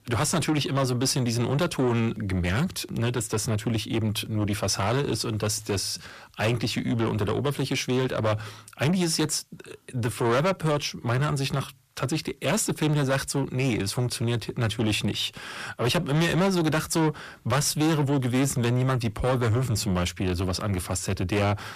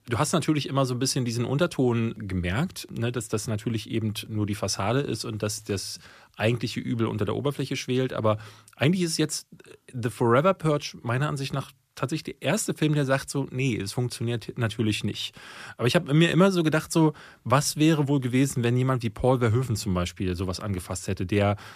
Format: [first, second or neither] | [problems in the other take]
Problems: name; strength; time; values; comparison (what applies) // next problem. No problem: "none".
second | distortion; heavy; 8 dB below the speech